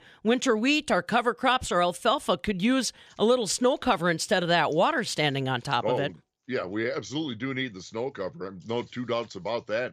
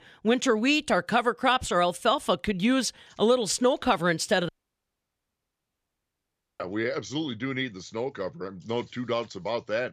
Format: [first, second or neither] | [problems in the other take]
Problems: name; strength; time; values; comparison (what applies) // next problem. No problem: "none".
first | audio cutting out; at 4.5 s for 2 s